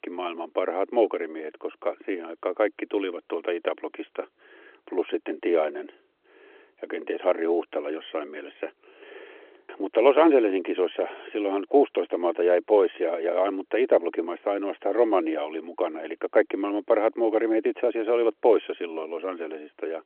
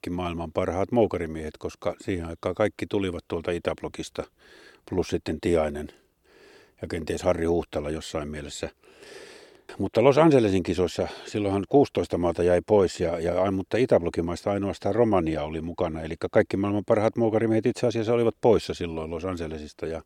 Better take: second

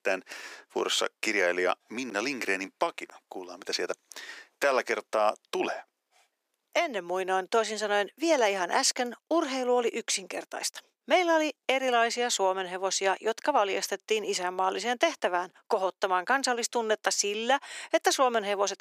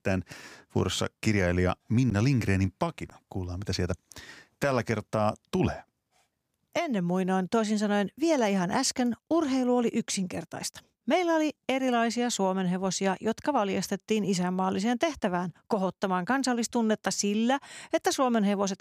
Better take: second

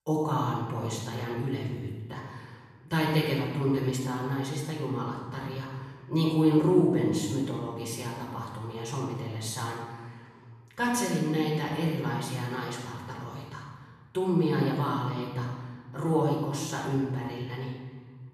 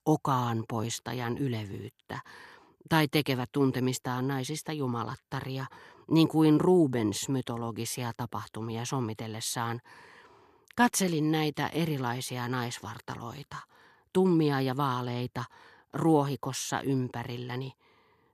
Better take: second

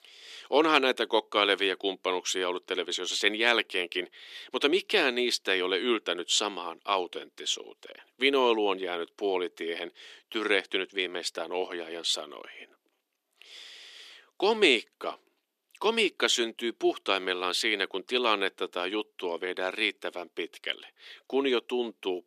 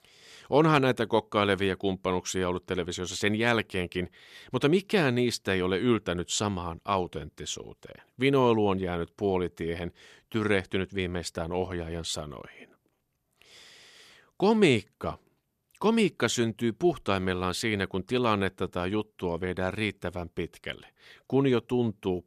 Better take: second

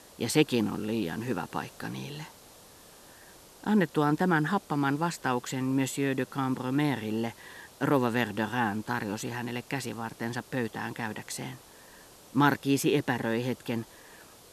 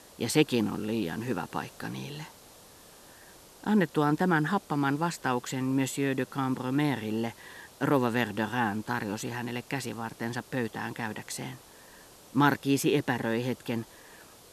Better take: neither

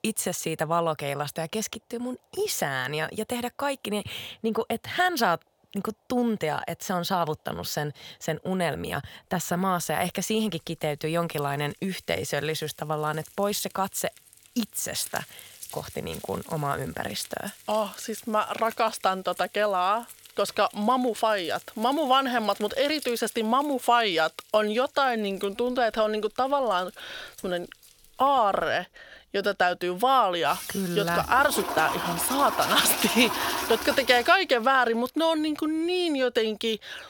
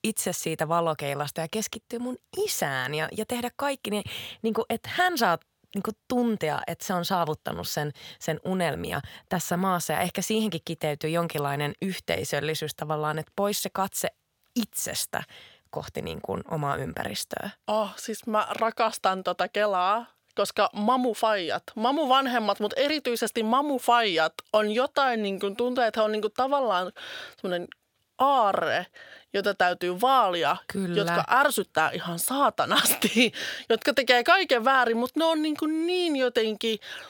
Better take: second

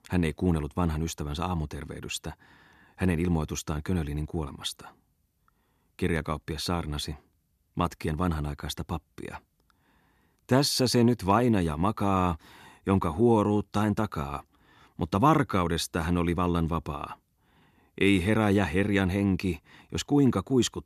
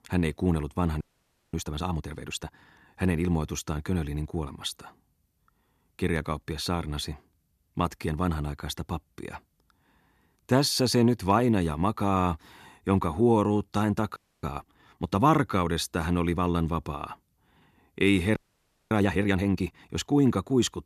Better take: first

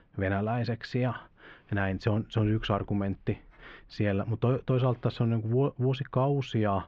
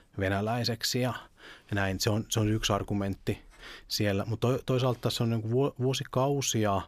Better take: second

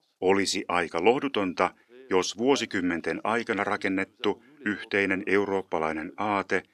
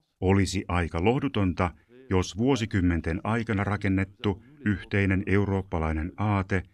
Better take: second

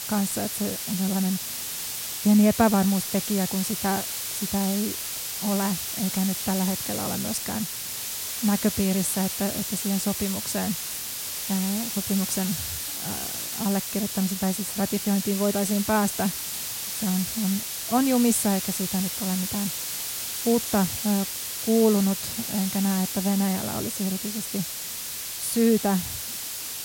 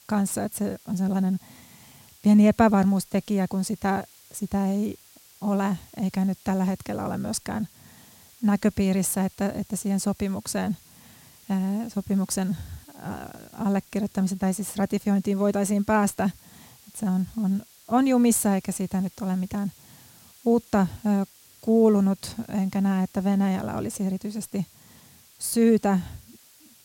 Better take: second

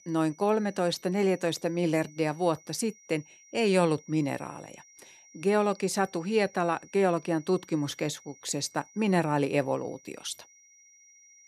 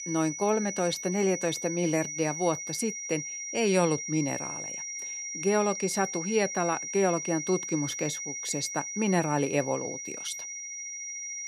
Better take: first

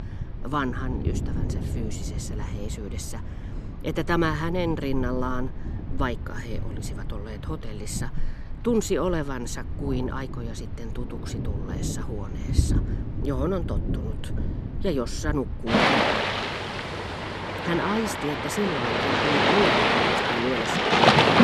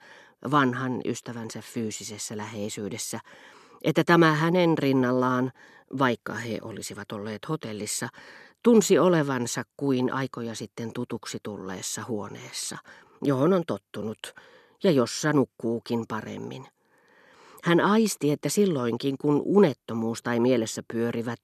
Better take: second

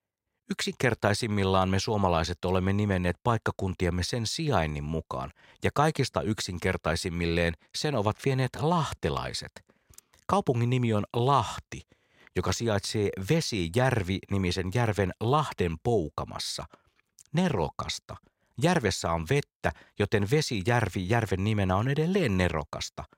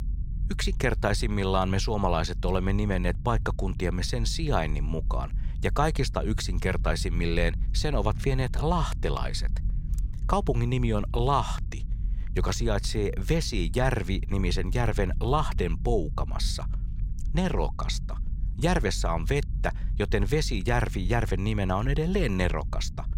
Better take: first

